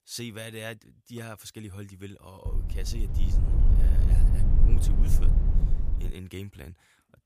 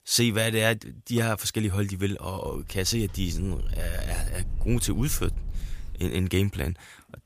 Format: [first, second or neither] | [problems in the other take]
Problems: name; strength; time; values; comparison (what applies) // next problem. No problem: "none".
second | low rumble; loud; from 2.5 to 6 s; 1 dB below the speech; faint in the second